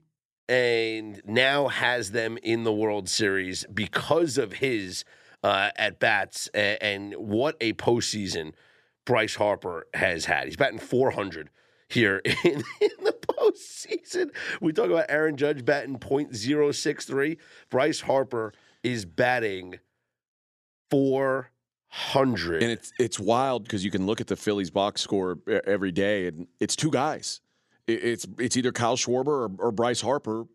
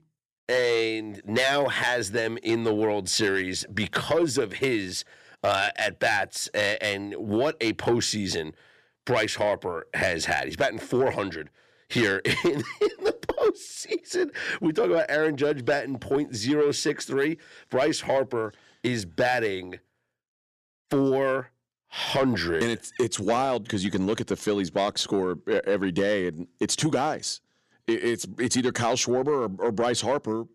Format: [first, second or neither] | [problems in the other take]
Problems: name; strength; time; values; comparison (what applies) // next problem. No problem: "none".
first | distortion; slight; 10 dB below the speech